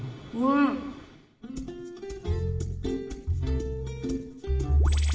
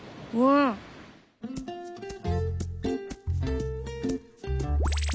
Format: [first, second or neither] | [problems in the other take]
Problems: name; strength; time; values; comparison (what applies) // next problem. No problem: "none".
second | room echo; dies away in 0.8 s